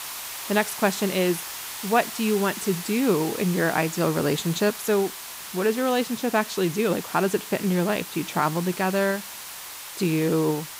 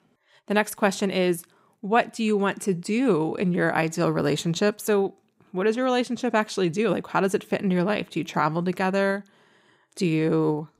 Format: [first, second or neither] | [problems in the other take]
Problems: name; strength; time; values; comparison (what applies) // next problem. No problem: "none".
second | hiss; loud; throughout; 9 dB below the speech